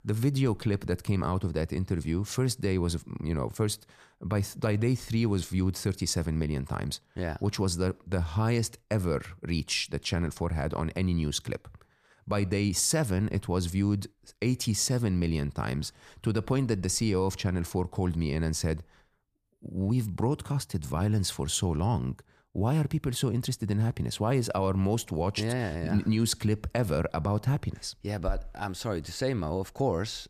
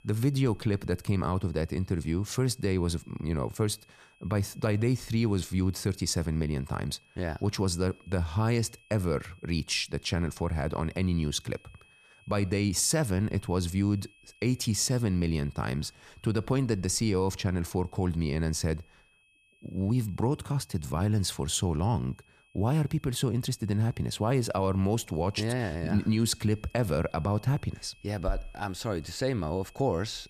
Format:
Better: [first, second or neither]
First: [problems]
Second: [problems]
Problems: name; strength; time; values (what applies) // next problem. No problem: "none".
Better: first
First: none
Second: high-pitched whine; faint; throughout; 2.5 kHz, 30 dB below the speech